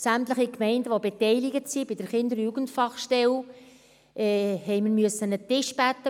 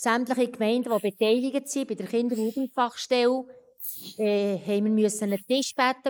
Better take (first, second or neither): first